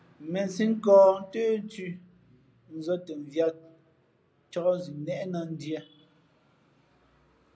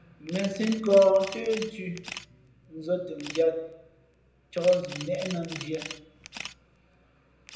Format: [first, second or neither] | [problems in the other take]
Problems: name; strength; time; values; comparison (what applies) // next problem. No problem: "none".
first | background sound (Camera); 15 dB below the speech // room echo; dies away in 0.8 s